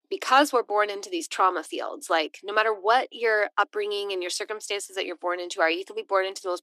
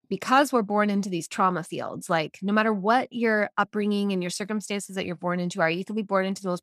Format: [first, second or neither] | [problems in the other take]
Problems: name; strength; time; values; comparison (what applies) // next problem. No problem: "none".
second | thin; very; fading below 300 Hz